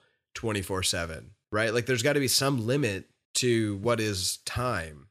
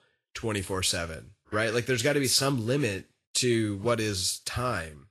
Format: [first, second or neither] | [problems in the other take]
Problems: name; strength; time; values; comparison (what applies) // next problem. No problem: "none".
first | garbled, watery; slightly; nothing above 12.5 kHz